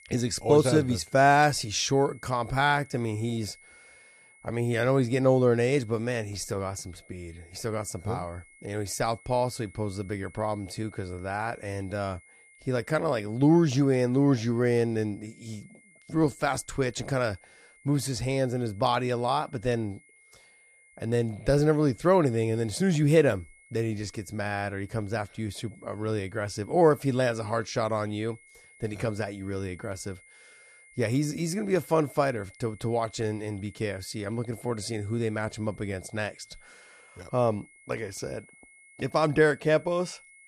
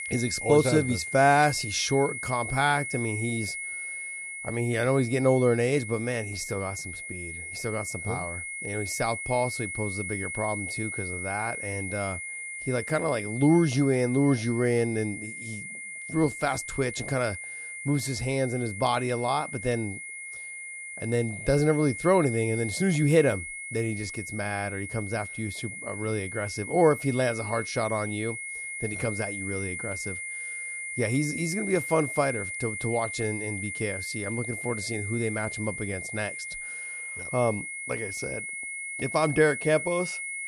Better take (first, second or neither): first